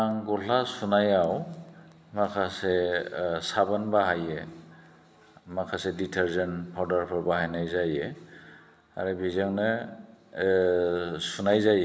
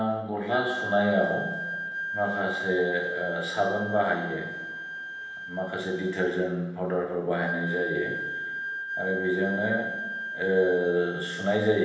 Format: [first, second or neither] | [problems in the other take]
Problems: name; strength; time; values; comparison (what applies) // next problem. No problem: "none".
first | background sound (Wind instrument, woodwind instrument); 6 dB below the speech // room echo; dies away in 0.9 s